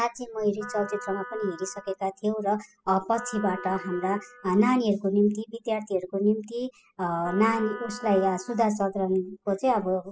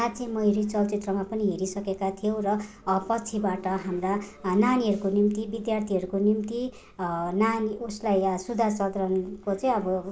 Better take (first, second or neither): second